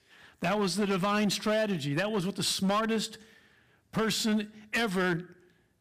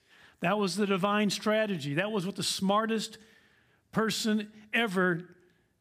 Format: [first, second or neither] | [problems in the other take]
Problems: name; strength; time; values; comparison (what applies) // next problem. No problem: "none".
second | distortion; slight; 9% of the sound clipped